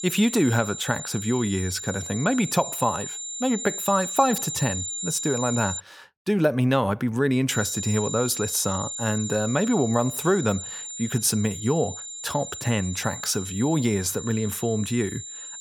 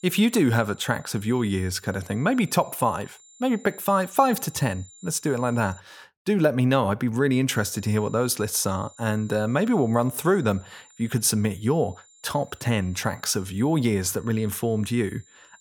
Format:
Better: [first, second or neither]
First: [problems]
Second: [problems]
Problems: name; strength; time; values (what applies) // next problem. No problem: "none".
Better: second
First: high-pitched whine; loud; until 6 s and from 7.5 s on; 7 kHz, 7 dB below the speech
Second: high-pitched whine; faint; until 6 s and from 7.5 s on; 7 kHz, 25 dB below the speech